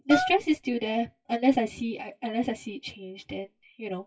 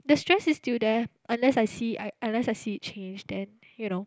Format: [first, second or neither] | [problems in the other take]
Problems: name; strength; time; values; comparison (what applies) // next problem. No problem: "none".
second | noise reduction (classical method WPE with log-MMSE)